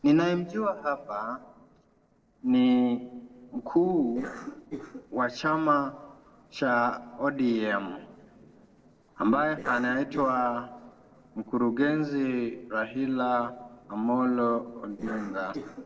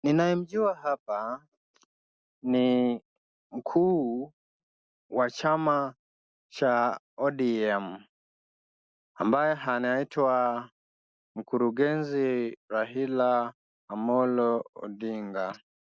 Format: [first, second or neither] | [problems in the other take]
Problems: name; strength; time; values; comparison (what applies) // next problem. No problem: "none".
second | noise reduction (neural separator model SepFormer DNS4)